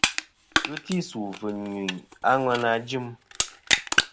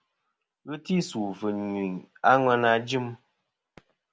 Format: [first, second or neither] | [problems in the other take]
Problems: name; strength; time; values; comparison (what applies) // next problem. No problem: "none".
second | background sound (Crushing); as loud as the speech